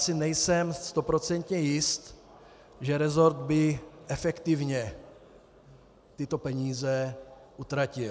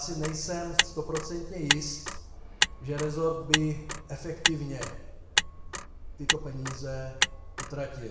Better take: first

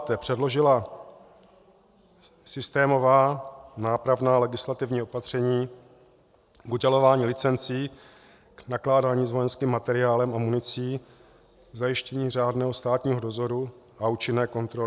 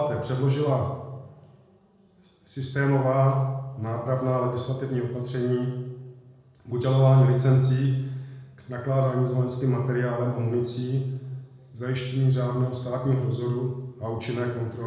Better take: first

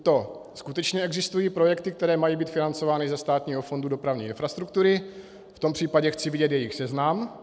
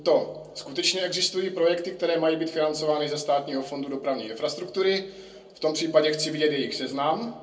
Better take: first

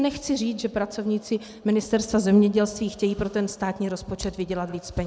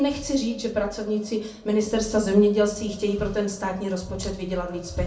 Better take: first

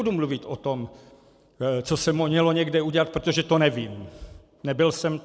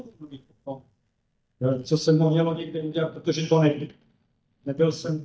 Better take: first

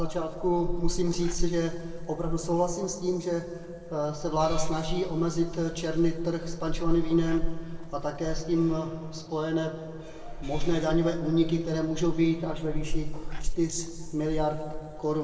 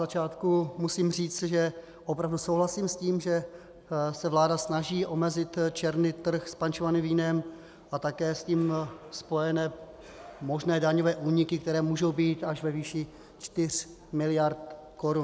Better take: second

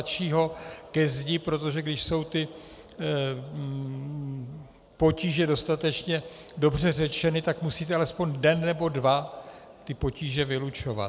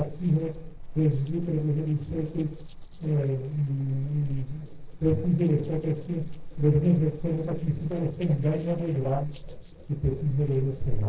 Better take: first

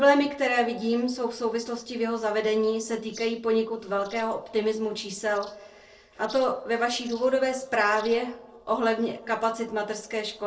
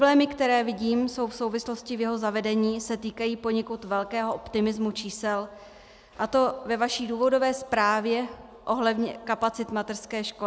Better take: second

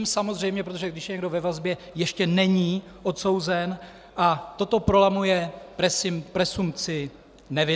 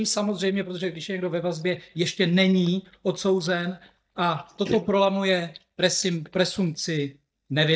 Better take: first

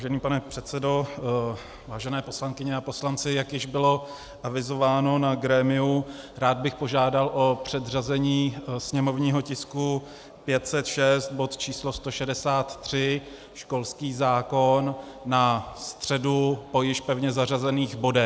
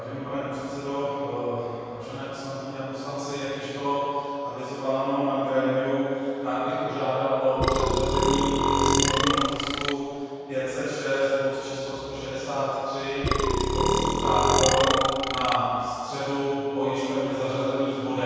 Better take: first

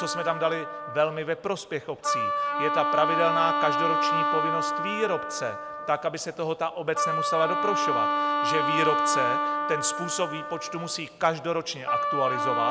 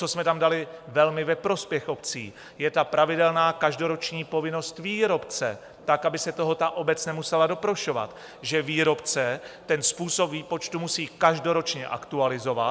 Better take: second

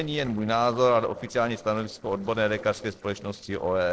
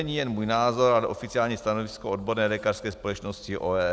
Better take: second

